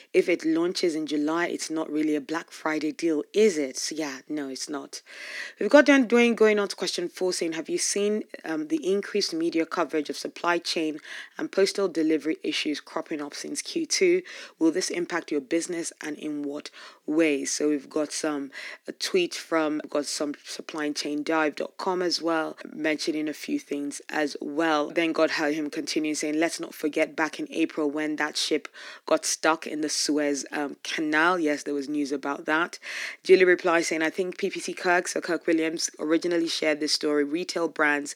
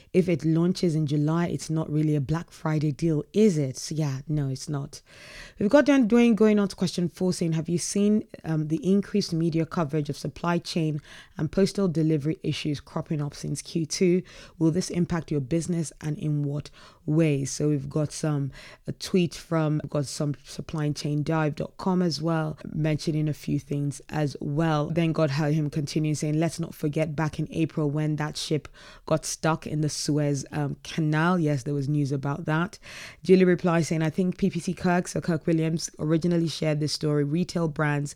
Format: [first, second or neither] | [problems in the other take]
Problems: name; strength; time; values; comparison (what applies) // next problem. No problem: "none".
second | thin; somewhat; fading below 250 Hz